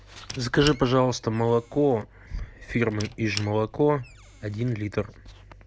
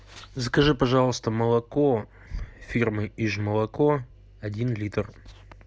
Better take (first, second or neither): second